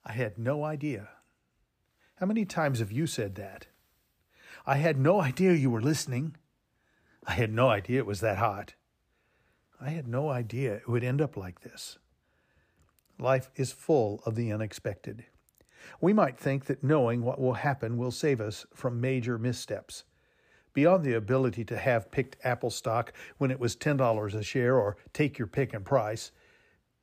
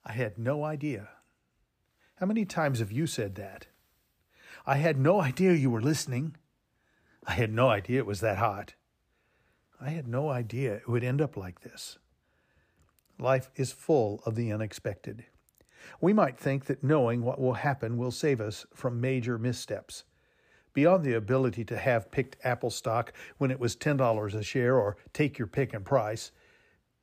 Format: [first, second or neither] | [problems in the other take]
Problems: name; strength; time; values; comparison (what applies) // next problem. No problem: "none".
neither | none